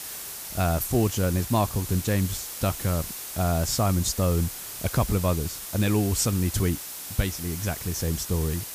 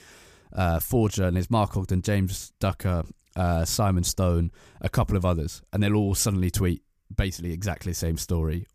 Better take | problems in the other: second | hiss; loud; throughout; 7 dB below the speech

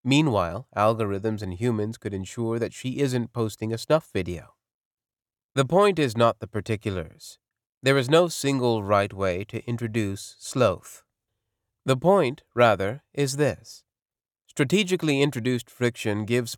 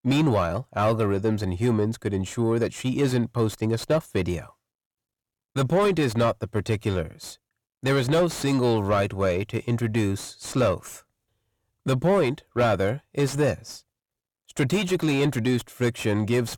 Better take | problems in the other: first | distortion; heavy; 7 dB below the speech

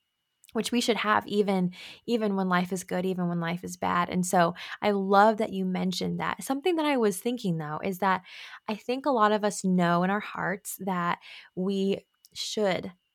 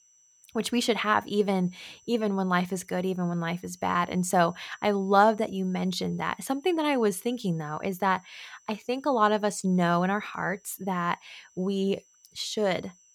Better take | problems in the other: first | high-pitched whine; faint; throughout; 6 kHz, 30 dB below the speech

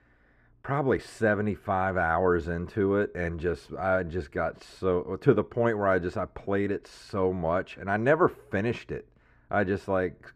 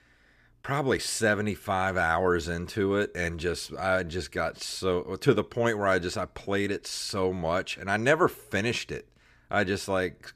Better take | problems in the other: second | muffled; very; fading above 2.5 kHz

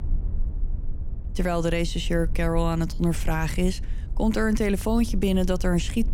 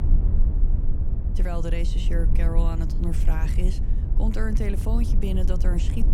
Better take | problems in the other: first | low rumble; loud; throughout; 7 dB below the speech; faint in the first

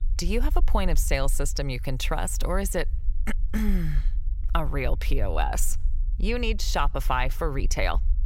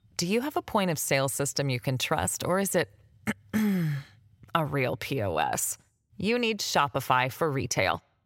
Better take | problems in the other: second | low rumble; faint; throughout; 25 dB below the speech

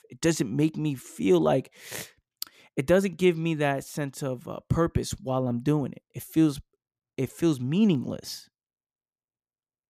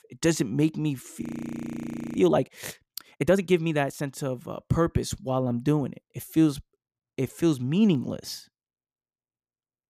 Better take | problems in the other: first | audio freezing; at 1 s for 1 s

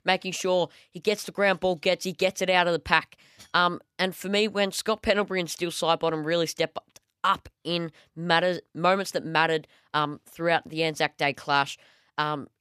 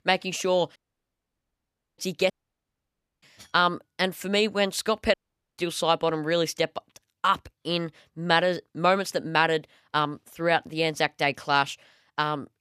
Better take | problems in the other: first | audio cutting out; at 1 s for 1 s, at 2.5 s for 1 s and at 5 s

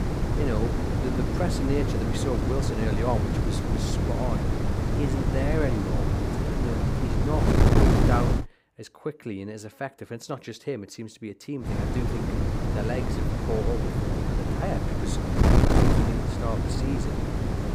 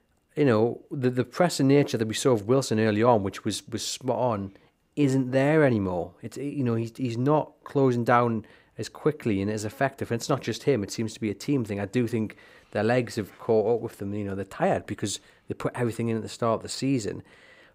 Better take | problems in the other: second | wind noise on the microphone; heavy; until 8.5 s and from 12 s on; 3 dB above the speech

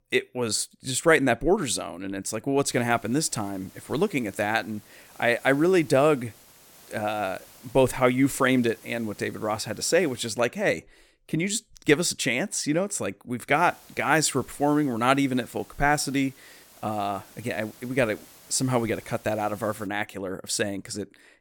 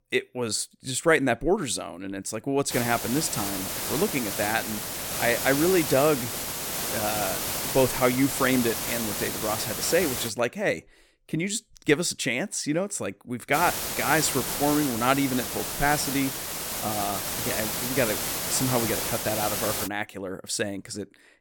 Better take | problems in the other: first | hiss; loud; from 2.5 to 10 s and from 14 to 20 s; 2 dB below the speech; faint in the first

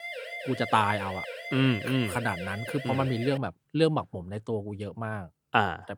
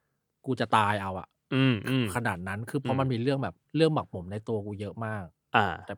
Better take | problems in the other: second | siren; noticeable; until 3.5 s; peak 7 dB below the speech

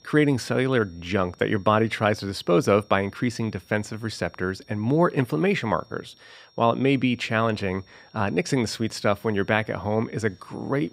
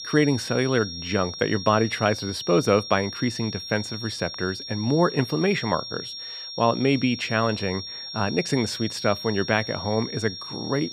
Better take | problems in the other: first | high-pitched whine; loud; throughout; 5.5 kHz, 9 dB below the speech; faint in the first

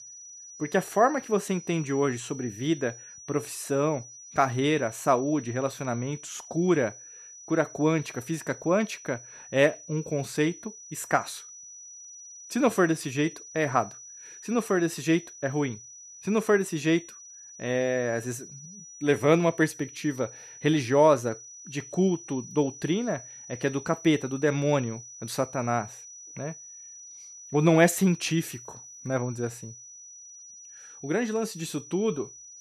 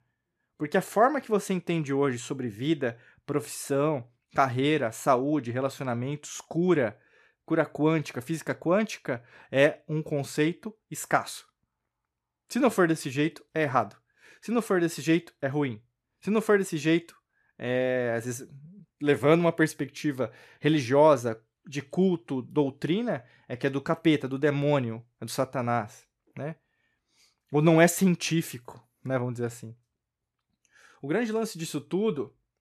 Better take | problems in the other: second | high-pitched whine; noticeable; throughout; 6 kHz, 15 dB below the speech

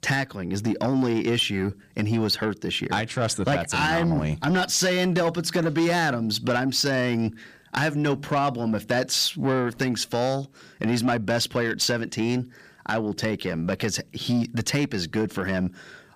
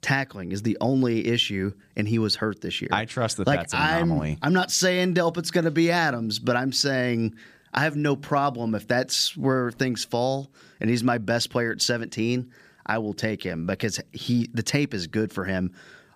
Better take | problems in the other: second | distortion; slight; 10 dB below the speech

